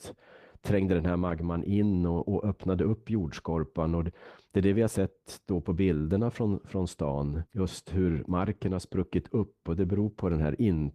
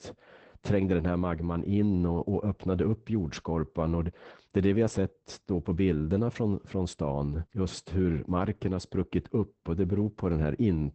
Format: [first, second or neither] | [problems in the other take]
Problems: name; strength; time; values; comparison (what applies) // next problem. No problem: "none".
first | garbled, watery; badly; nothing above 8 kHz; slightly in the first